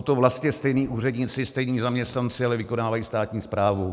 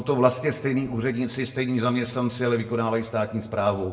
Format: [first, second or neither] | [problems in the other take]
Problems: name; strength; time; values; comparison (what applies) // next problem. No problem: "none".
first | room echo; dies away in 0.5 s